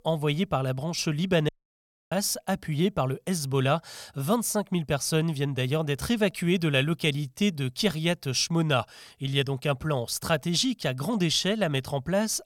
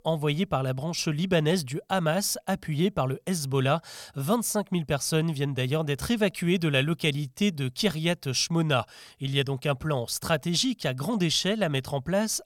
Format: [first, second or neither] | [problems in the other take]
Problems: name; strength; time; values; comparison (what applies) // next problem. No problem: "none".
second | audio cutting out; at 1.5 s for 0.5 s